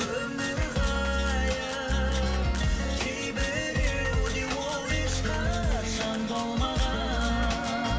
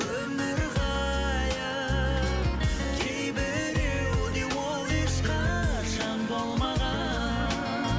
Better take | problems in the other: second | background sound (Rattle (instrument)); 17 dB below the speech // room echo; dies away in 0.5 s

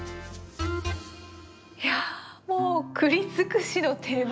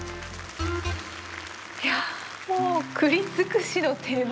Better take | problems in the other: first | background sound (Applause); 13 dB below the speech

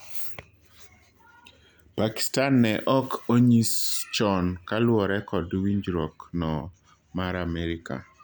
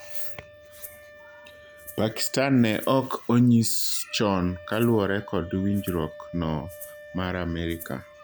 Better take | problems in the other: first | background sound (Wind instrument, woodwind instrument + Rattle (instrument)); 18 dB below the speech

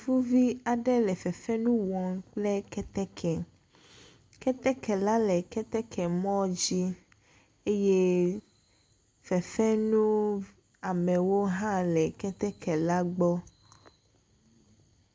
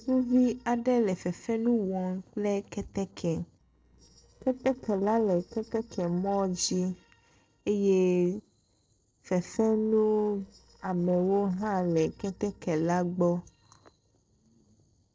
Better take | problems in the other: first | noise reduction (neural separator model SepFormer DNS4)

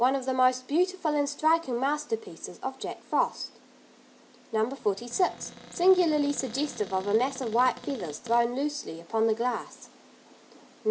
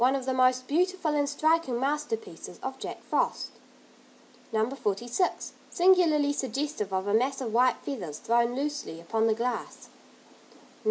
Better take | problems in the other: second | background sound (Cupboard open or close); 18 dB below the speech

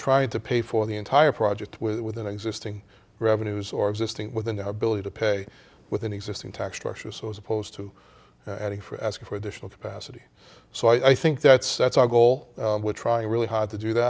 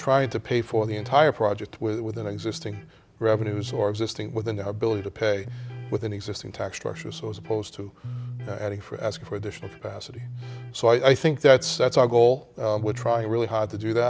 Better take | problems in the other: first | background sound (Electric guitar); 15 dB below the speech

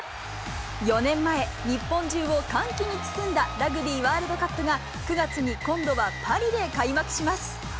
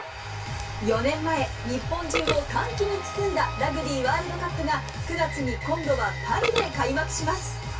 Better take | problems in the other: first | background sound (Burping, eructation); 10 dB below the speech // room echo; dies away in 0.2 s

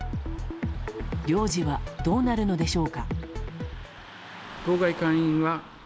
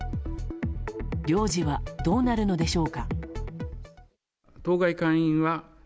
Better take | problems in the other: second | background sound (Car passing by / Traffic noise, roadway noise); 18 dB below the speech

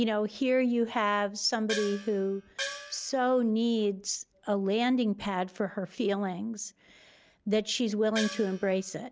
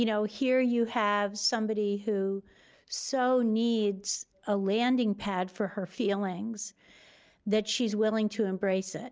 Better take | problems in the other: second | background sound (Gong); 10 dB below the speech

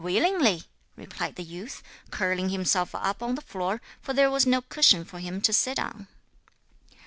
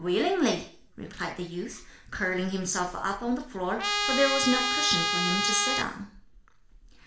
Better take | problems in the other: first | background sound (Trumpet); 2 dB above the speech // room echo; dies away in 0.5 s

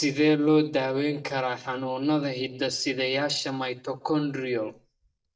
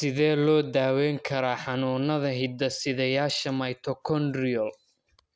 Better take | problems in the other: second | noise reduction (neural mask model DeepFilterNet 3)

